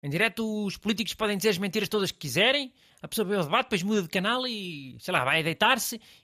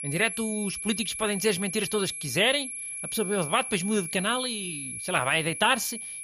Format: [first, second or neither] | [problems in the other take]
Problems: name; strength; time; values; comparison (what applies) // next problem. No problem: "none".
first | high-pitched whine; loud; throughout; 11 kHz, 6 dB below the speech